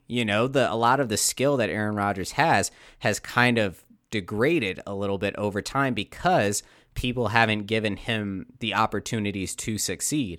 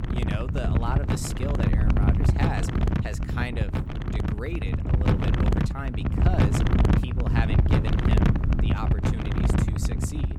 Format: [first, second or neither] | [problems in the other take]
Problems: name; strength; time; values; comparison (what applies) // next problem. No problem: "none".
first | wind noise on the microphone; heavy; 3 dB above the speech